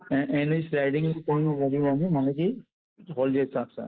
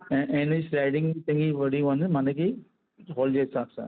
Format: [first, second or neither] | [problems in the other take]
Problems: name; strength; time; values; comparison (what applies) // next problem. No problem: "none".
second | noise reduction (neural mask model Resemble Enhance denoiser)